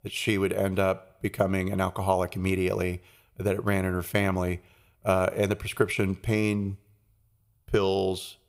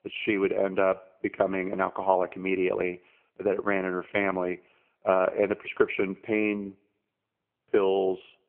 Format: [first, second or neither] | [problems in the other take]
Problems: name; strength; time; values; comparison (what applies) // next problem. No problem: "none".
first | phone-call audio; poor line